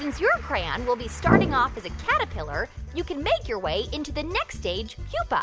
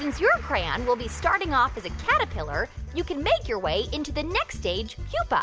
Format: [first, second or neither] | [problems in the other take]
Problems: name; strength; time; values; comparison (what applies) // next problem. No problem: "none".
second | background sound (Brass instrument); 3 dB above the speech